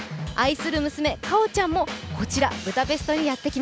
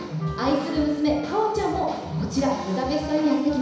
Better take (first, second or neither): first